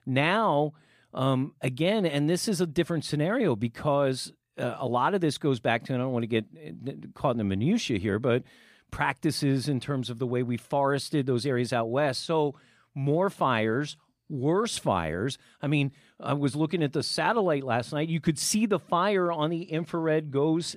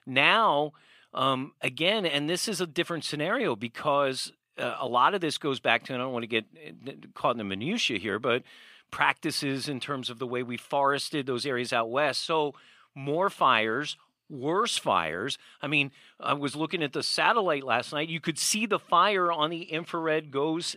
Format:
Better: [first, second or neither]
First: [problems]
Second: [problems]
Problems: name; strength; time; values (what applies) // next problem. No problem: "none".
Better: first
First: none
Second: thin; somewhat; fading below 850 Hz